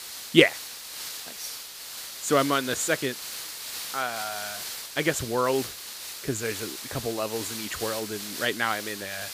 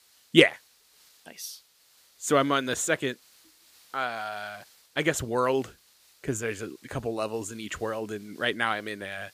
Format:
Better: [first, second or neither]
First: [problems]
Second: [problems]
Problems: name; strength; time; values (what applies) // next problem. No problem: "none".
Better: second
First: hiss; loud; throughout; 7 dB below the speech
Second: hiss; faint; throughout; 30 dB below the speech